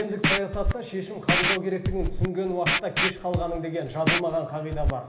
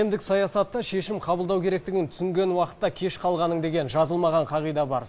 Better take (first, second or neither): second